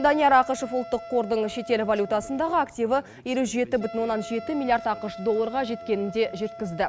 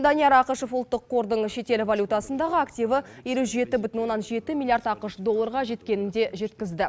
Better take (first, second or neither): second